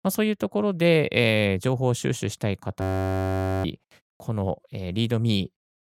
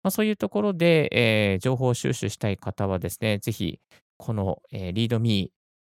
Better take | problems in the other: second | audio freezing; at 3 s for 1 s

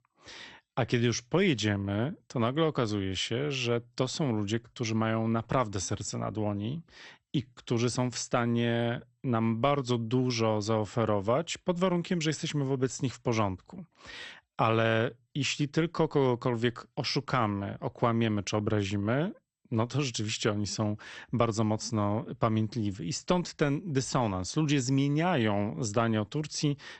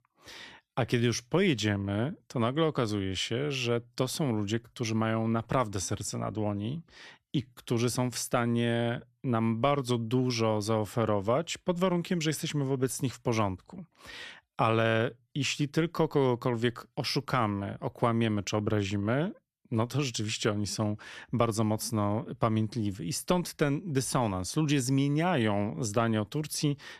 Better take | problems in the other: second | garbled, watery; slightly; nothing above 8 kHz

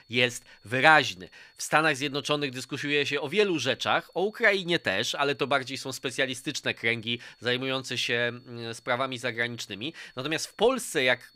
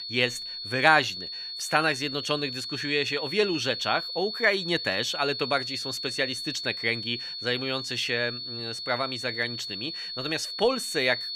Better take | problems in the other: first | high-pitched whine; loud; throughout; 4.5 kHz, 5 dB below the speech; faint in the first

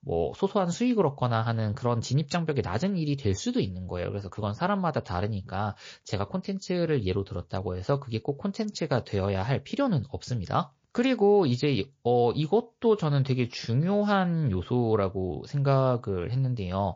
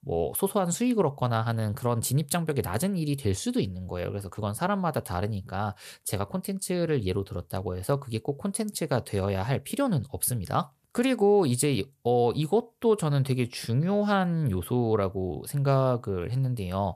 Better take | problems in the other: second | garbled, watery; slightly

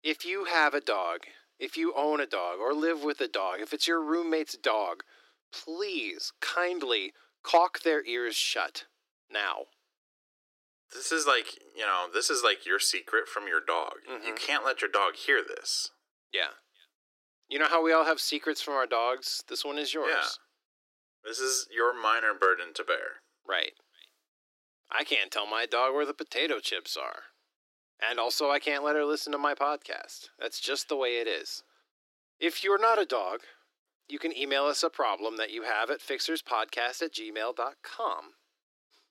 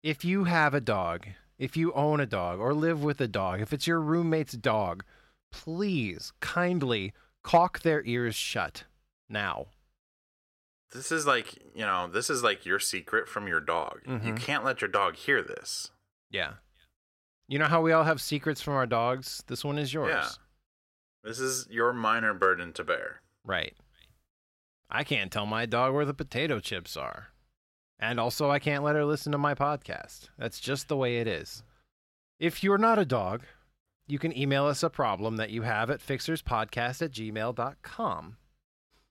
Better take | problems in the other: second | thin; somewhat; fading below 300 Hz

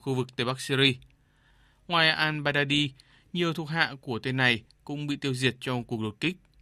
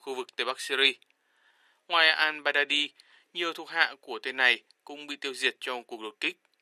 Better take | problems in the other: first | thin; very; fading below 400 Hz

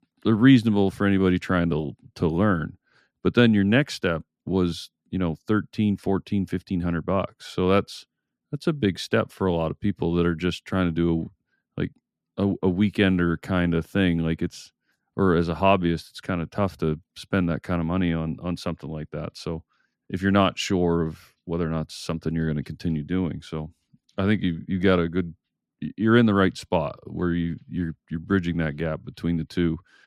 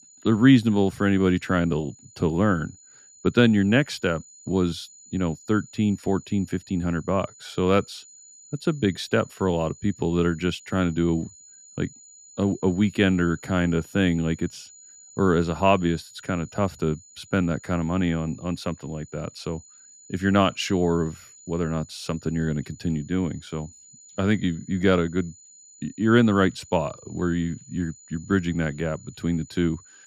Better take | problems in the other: first | high-pitched whine; faint; throughout; 7 kHz, 25 dB below the speech

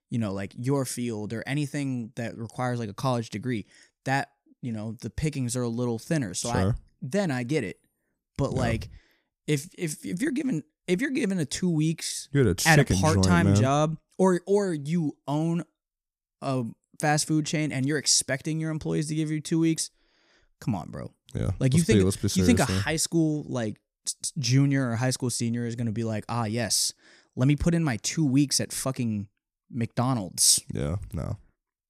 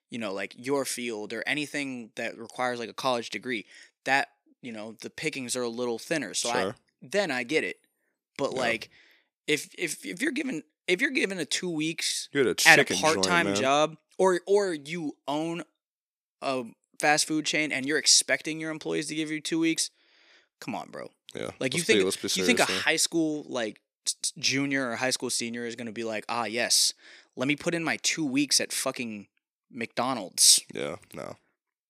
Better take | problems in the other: first | thin; somewhat; fading below 400 Hz

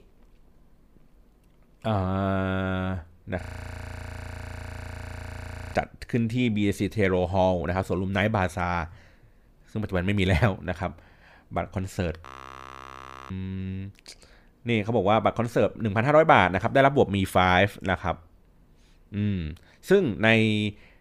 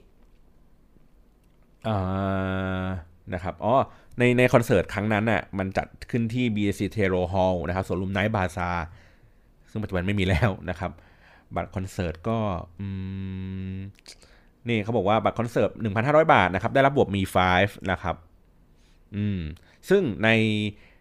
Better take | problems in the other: second | audio freezing; at 3.5 s for 2.5 s and at 12 s for 1 s

